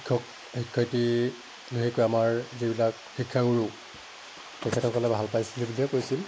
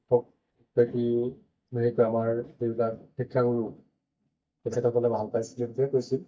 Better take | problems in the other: first | noise reduction (neural mask model DeepFilterNet 3)

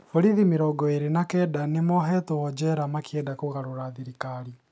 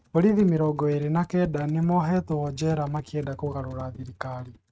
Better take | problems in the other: first | noise reduction (neural mask model RNNoise)

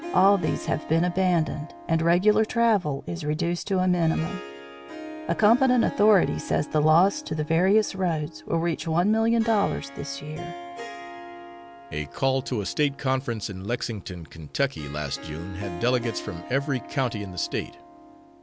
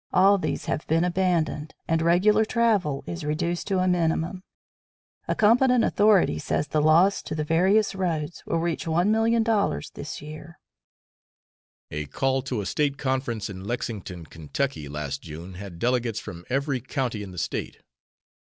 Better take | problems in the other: second | background sound (Harp); 15 dB below the speech

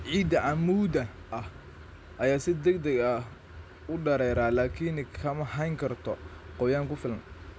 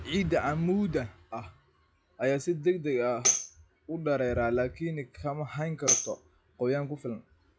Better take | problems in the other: first | noise reduction (classical method log-MMSE)

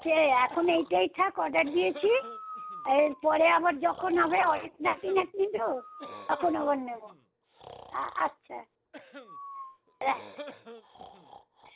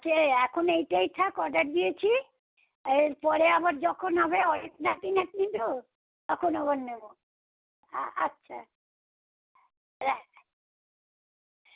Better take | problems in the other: second | background sound (Breathing + Cough); 17 dB below the speech

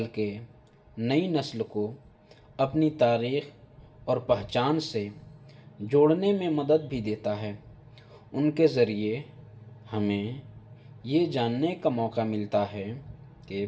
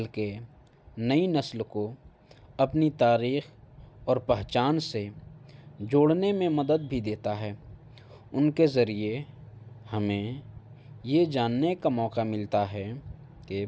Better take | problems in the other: second | room echo; dies away in 0.5 s

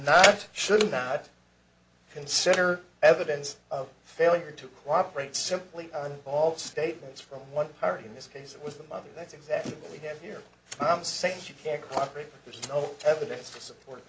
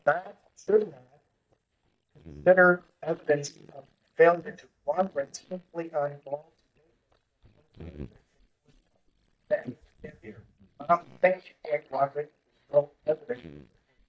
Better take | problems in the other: first | noise reduction (neural mask model DeepFilterNet 3)

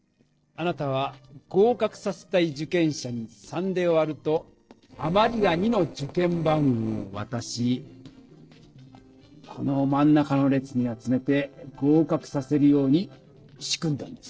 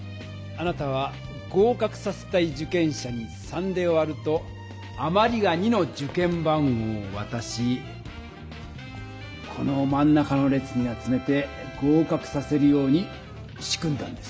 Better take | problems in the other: second | noise reduction (neural separator model SepFormer DNS4)

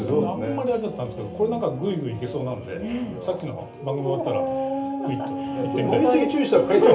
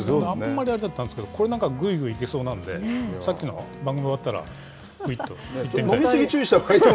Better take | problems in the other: second | background sound (Dog); 7 dB below the speech // room echo; dies away in 0.3 s

